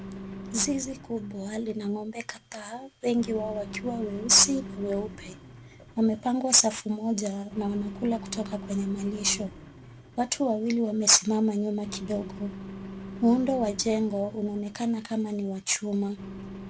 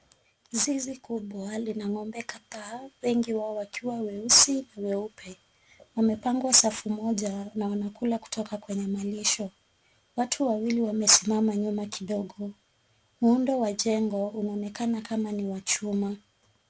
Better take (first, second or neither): second